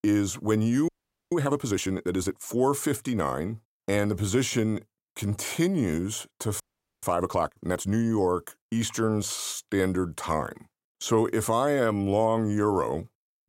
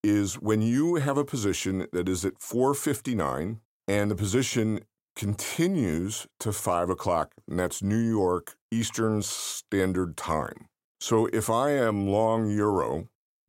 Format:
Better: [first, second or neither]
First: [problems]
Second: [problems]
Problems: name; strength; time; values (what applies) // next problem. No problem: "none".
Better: second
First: audio freezing; at 1 s and at 6.5 s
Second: none